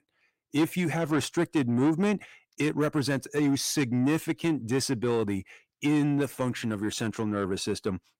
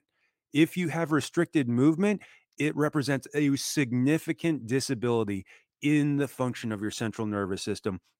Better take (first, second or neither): second